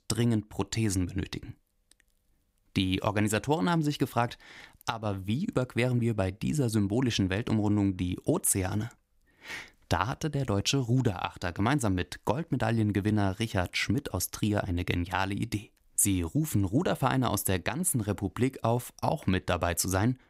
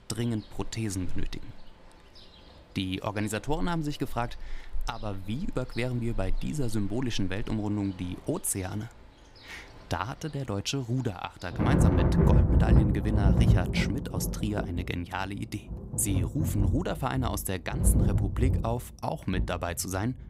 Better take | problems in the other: first | rain or running water; very loud; throughout; 4 dB above the speech

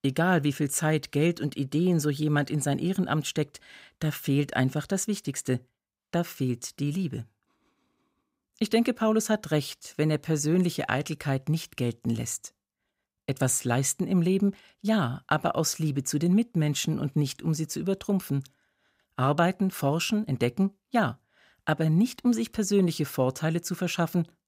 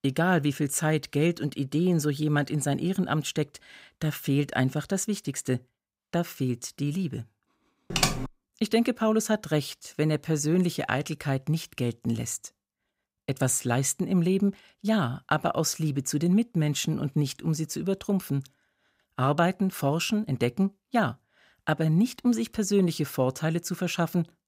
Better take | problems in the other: first | keyboard typing; loud; at 8 s; peak 2 dB above the speech

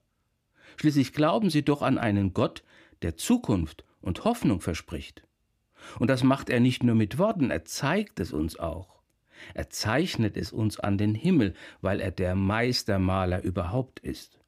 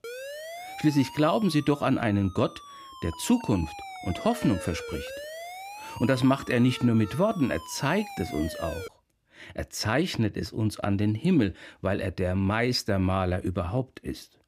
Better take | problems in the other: first | siren; faint; until 9 s; peak 10 dB below the speech

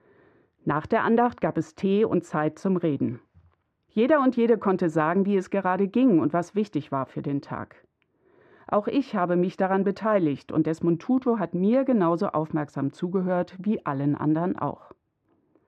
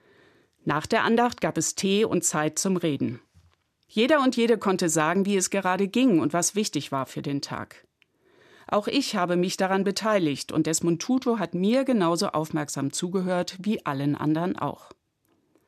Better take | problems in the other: second | muffled; very; fading above 3.5 kHz

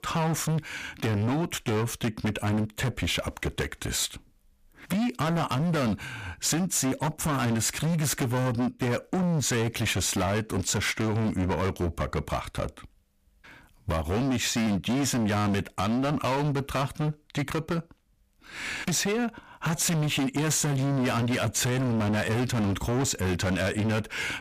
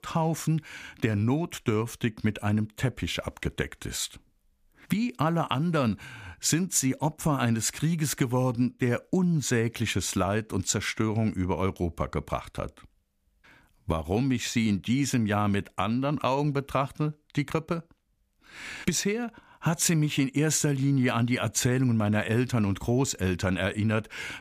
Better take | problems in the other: second | distortion; heavy; 27% of the sound clipped

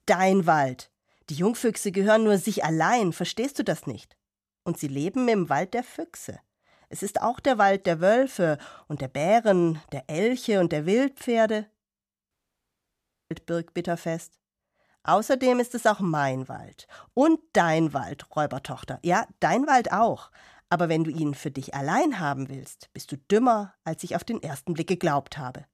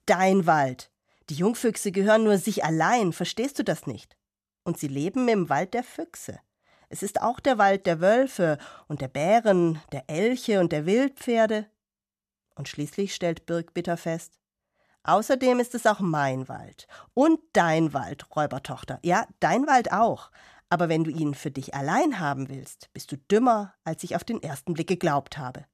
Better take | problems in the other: second | audio cutting out; at 12 s for 1 s

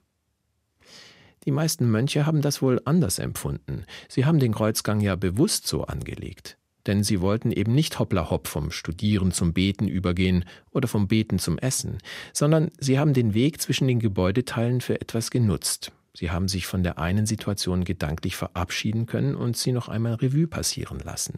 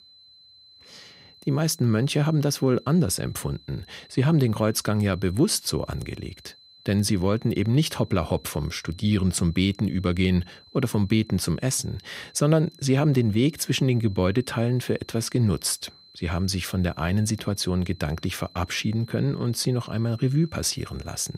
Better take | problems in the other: first | high-pitched whine; faint; throughout; 4 kHz, 25 dB below the speech

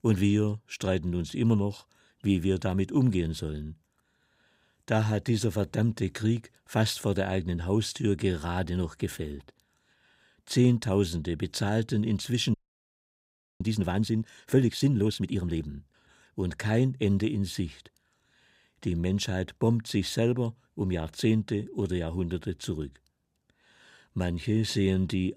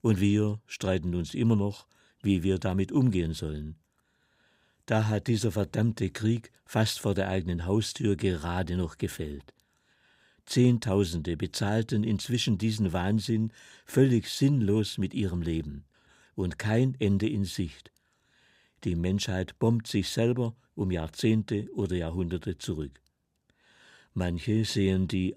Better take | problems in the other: second | audio freezing; at 13 s for 1 s

